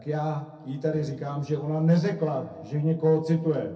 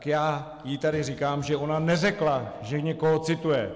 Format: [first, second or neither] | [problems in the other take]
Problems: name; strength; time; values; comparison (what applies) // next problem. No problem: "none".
second | room echo; dies away in 0.3 s